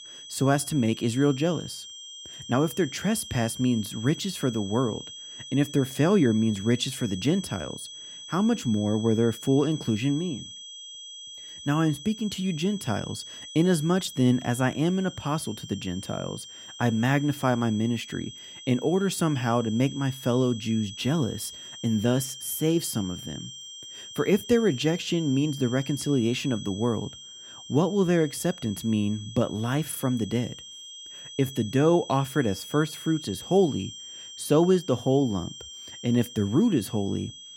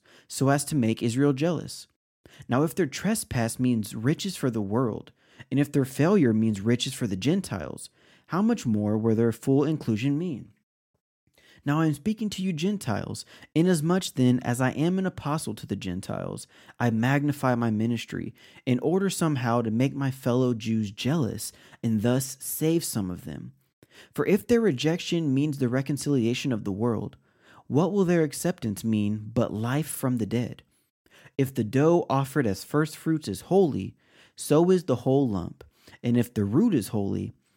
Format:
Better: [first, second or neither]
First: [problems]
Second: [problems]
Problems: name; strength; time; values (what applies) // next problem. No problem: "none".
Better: second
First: high-pitched whine; noticeable; throughout; 3.5 kHz, 15 dB below the speech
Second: none